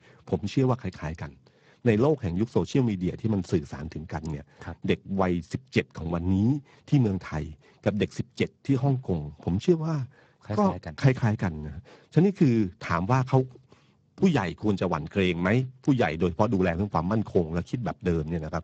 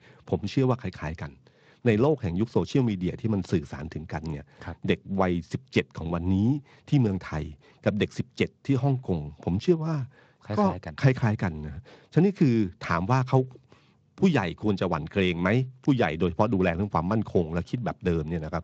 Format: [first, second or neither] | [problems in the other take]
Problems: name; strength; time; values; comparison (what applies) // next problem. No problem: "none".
second | garbled, watery; badly; slightly in the second